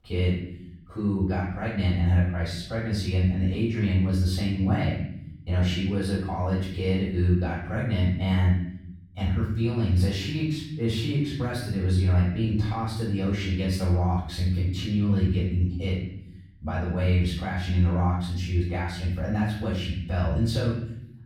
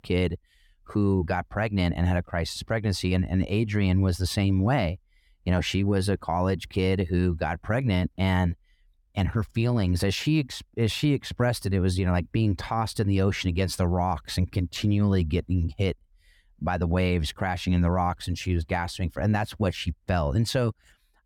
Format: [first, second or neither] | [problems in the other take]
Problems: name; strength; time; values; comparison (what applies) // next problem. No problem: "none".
second | off-mic speech; far // room echo; noticeable; dies away in 0.8 s